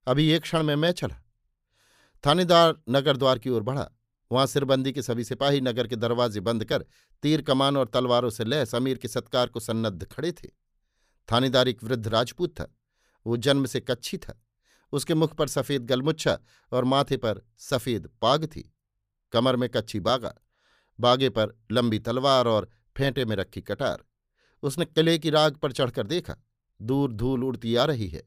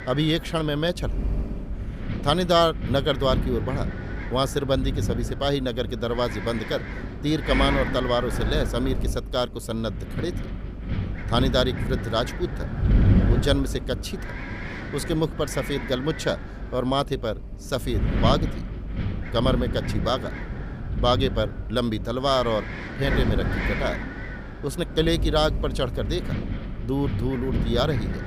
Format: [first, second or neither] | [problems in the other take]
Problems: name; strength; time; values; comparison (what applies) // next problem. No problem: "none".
first | wind noise on the microphone; heavy; 9 dB below the speech